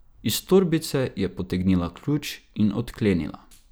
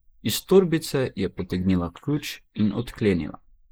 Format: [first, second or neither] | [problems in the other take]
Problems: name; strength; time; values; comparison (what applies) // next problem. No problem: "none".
first | noise reduction (neural mask model Resemble Enhance denoiser)